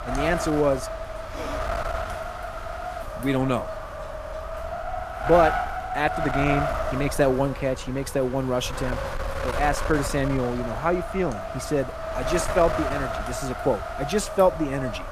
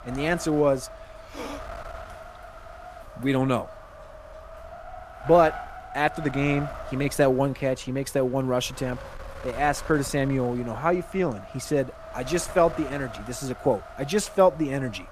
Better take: second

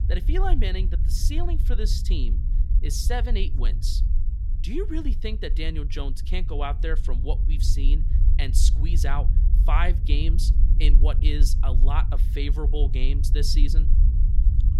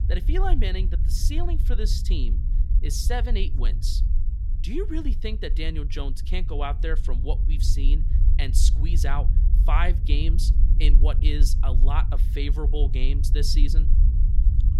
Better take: neither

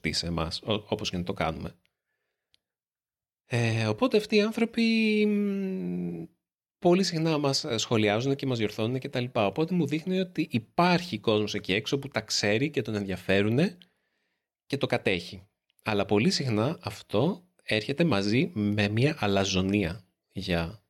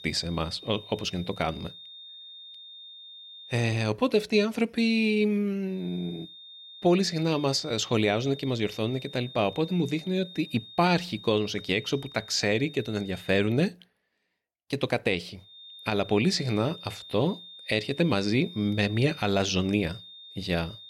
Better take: first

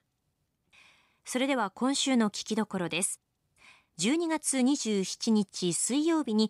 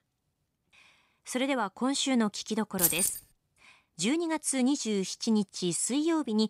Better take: first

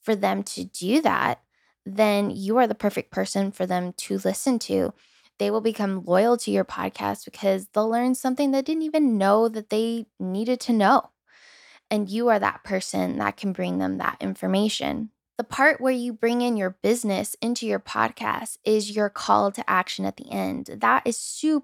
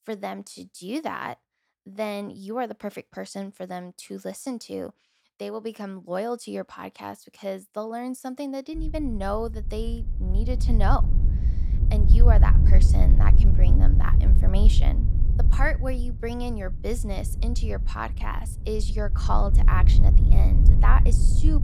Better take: first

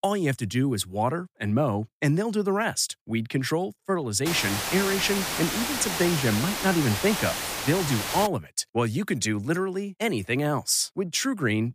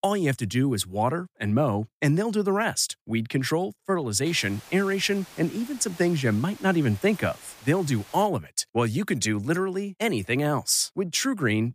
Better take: second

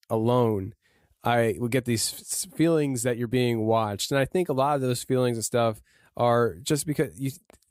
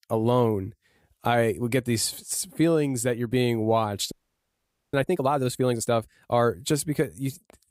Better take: first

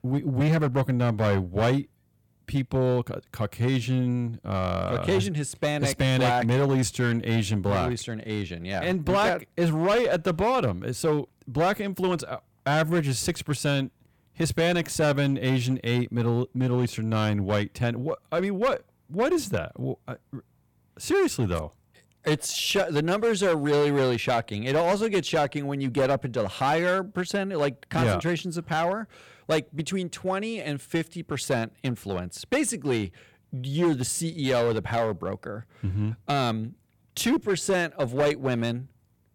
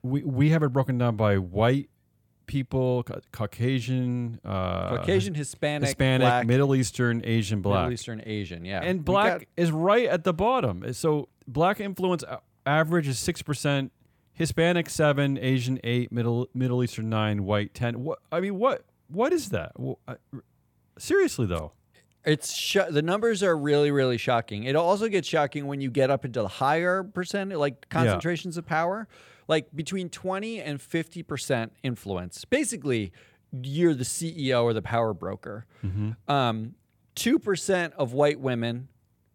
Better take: second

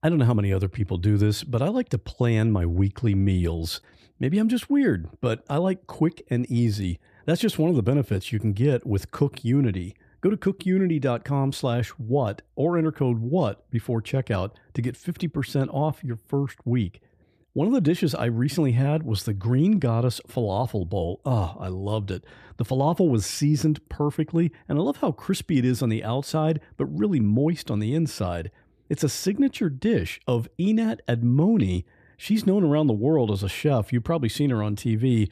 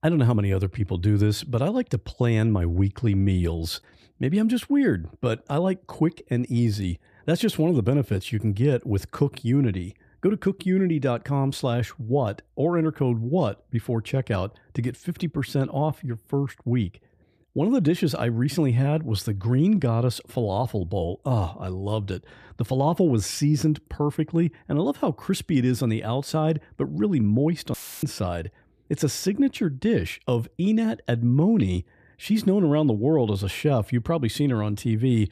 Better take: first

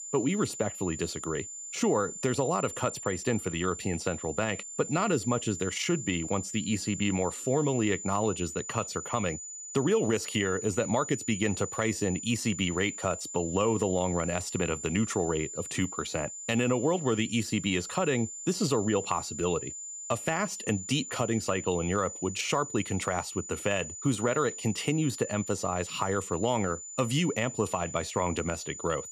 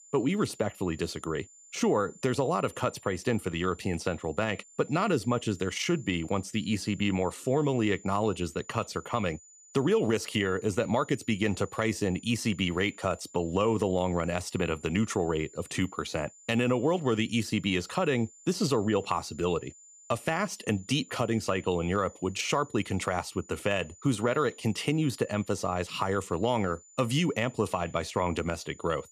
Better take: second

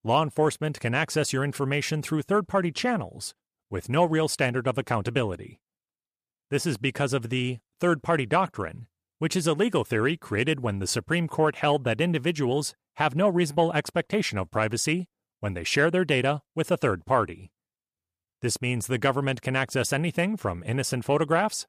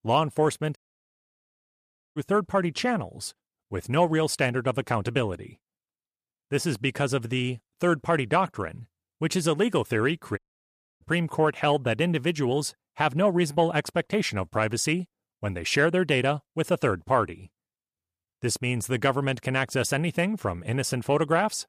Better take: first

